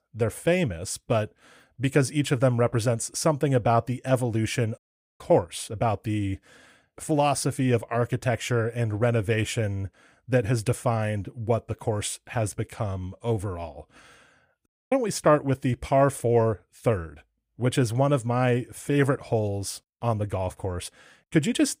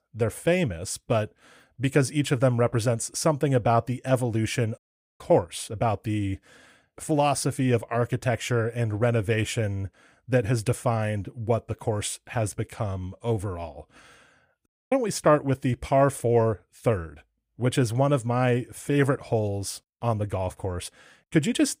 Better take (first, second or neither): neither